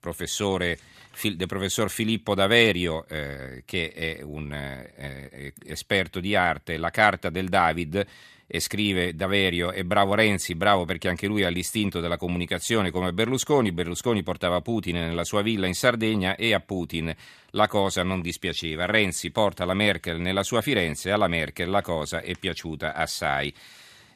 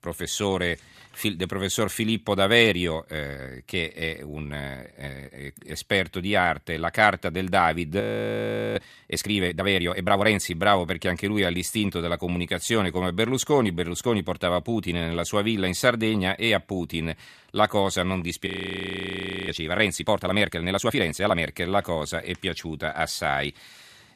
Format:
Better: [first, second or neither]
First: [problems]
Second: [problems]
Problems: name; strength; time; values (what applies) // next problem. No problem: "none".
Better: first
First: none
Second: audio freezing; at 8 s for 1 s and at 18 s for 1 s